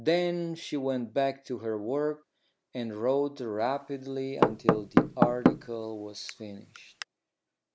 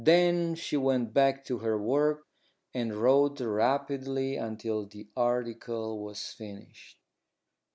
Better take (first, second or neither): second